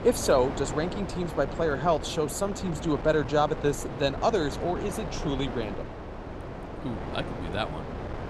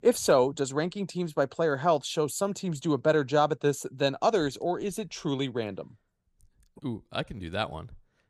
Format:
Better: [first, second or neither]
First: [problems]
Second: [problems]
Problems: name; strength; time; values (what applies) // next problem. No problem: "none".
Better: second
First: wind noise on the microphone; heavy; 9 dB below the speech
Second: none